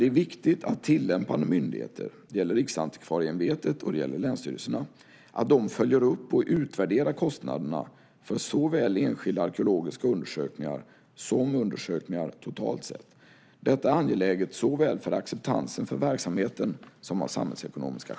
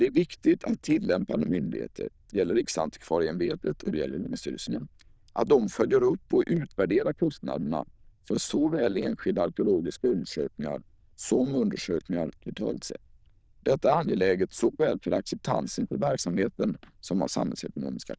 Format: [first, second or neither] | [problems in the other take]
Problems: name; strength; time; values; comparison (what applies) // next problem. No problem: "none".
first | noise reduction (neural diffusion model UNIVERSE++)